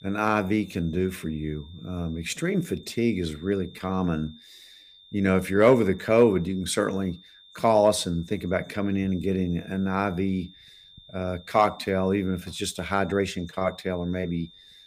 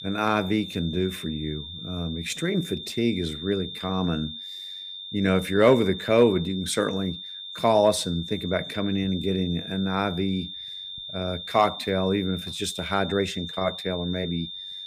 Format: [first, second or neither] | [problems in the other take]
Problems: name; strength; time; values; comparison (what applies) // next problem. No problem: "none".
first | high-pitched whine; loud; throughout; 3.5 kHz, 9 dB below the speech; faint in the first